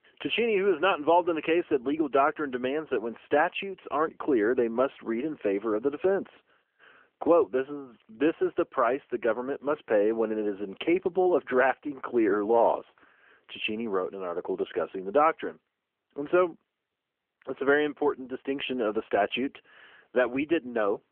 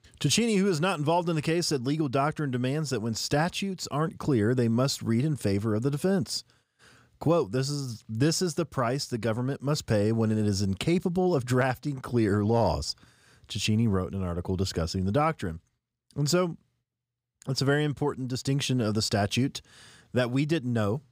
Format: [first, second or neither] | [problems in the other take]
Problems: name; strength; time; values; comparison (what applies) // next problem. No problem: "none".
second | phone-call audio; nothing above 3 kHz